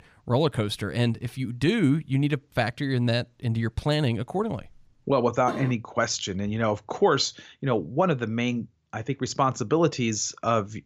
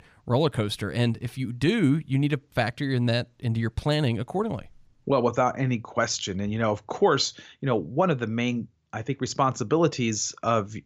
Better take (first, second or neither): second